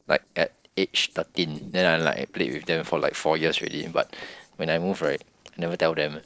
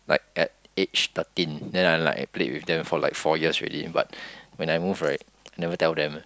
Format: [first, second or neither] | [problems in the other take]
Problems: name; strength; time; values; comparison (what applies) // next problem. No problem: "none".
second | noise reduction (neural separator model SepFormer DNS4)